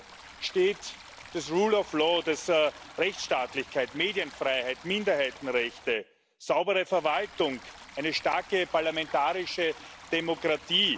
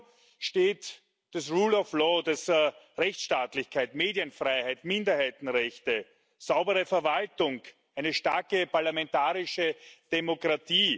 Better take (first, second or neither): second